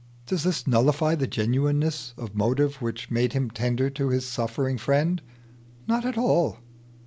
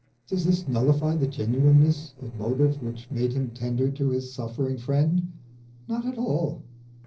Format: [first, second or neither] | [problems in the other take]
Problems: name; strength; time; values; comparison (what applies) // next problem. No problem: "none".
first | noise reduction (neural separator model SepFormer DNS4)